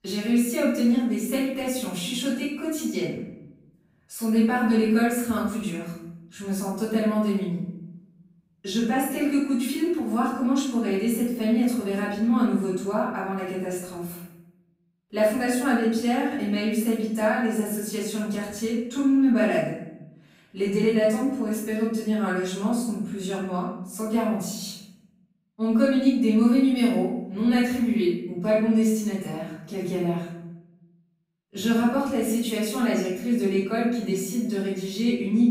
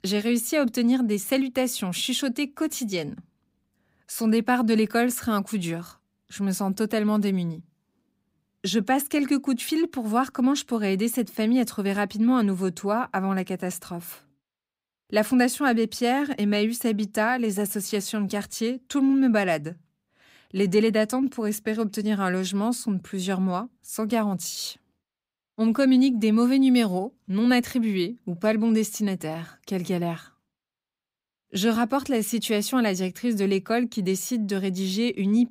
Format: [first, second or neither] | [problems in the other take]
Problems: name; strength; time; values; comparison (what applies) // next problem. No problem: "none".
second | off-mic speech; far // room echo; noticeable; dies away in 0.7 s